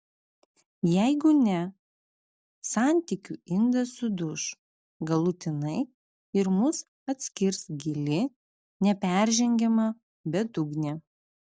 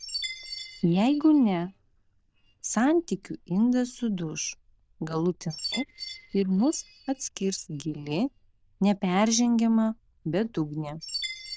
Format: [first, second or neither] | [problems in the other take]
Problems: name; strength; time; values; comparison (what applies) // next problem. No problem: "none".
first | noise reduction (neural diffusion model UNIVERSE++)